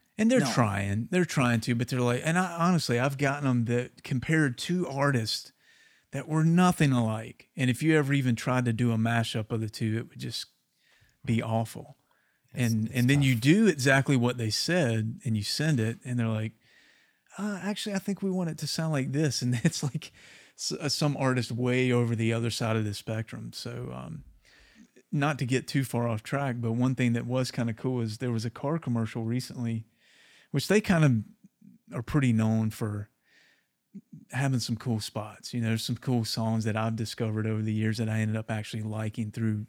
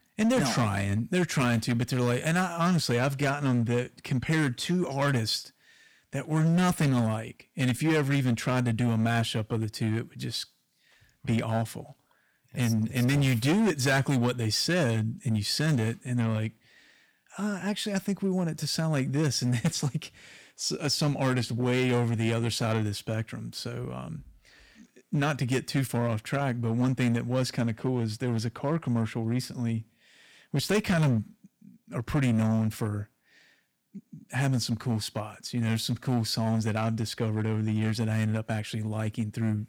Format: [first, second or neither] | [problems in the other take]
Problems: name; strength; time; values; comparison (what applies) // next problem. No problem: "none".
first | distortion; slight; 7% of the sound clipped